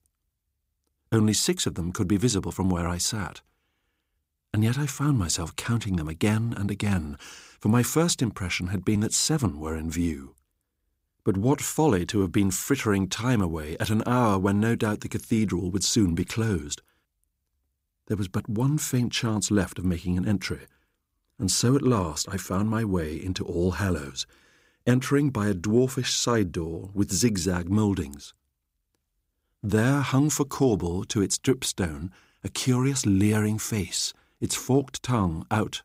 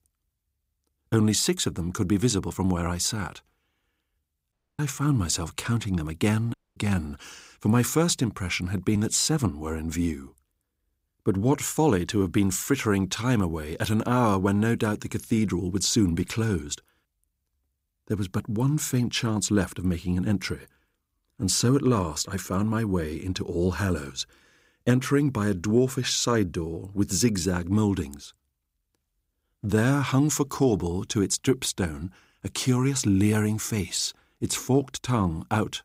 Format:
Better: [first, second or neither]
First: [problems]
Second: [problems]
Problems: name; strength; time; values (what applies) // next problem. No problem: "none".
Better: first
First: none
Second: audio cutting out; at 4.5 s and at 6.5 s